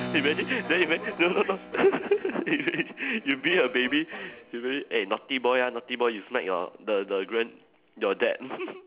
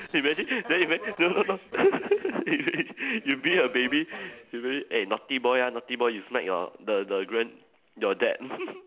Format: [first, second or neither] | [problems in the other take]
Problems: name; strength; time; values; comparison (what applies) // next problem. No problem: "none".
second | background sound (Keyboard (musical)); 17 dB below the speech